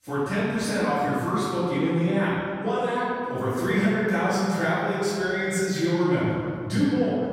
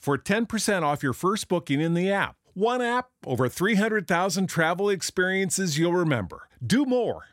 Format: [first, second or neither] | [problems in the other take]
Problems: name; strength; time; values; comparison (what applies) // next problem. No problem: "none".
second | off-mic speech; far // room echo; strong; dies away in 2.2 s